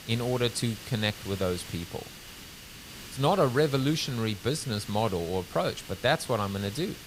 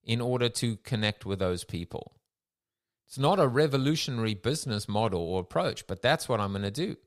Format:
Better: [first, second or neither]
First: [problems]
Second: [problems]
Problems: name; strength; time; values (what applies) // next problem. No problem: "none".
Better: second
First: hiss; noticeable; throughout; 15 dB below the speech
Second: none